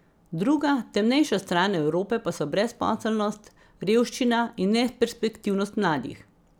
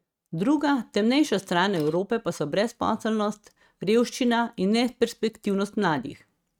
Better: first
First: none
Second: noise reduction (neural mask model RNNoise)

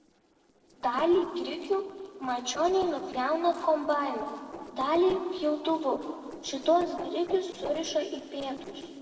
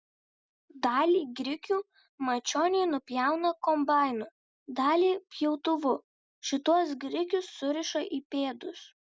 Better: second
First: noise reduction (neural separator model SepFormer DNS4)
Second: none

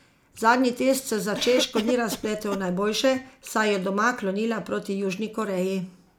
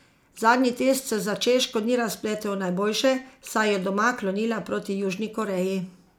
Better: second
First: background sound (Cough); 11 dB below the speech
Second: none

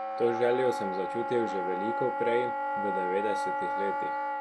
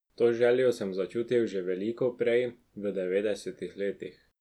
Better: second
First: background sound (Wind instrument, woodwind instrument); as loud as the speech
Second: none

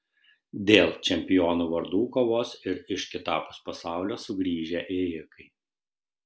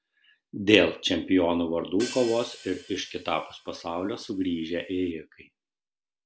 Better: first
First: none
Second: background sound (Hi-hat); 18 dB below the speech

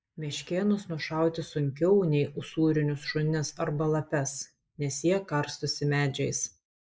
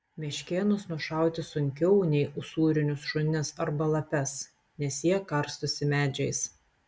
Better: second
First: noise reduction (neural mask model Resemble Enhance denoiser)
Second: none

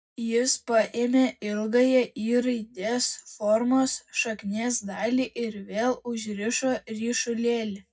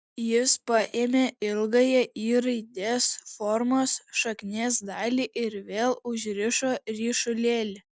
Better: second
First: room echo; dies away in 0.3 s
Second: none

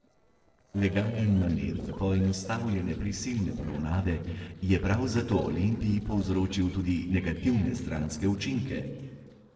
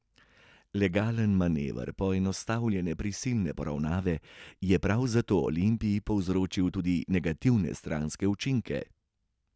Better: second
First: noise reduction (neural separator model SepFormer DNS4)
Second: none

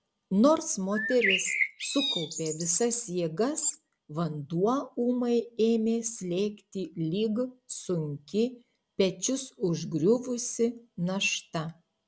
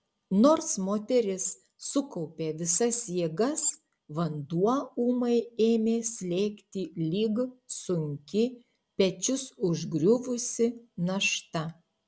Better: second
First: background sound (Bird); 3 dB below the speech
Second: none

